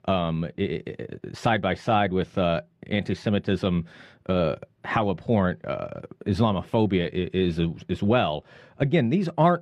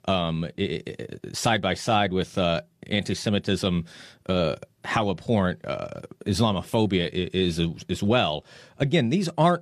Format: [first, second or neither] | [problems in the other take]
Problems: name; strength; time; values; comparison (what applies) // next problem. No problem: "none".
second | muffled; slightly; fading above 4 kHz